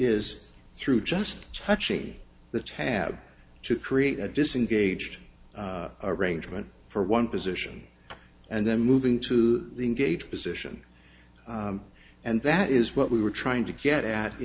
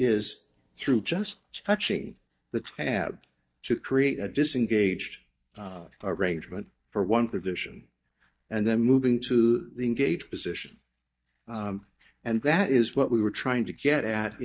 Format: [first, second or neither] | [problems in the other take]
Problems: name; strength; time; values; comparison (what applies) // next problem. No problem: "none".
first | noise reduction (neural mask model DeepFilterNet 3)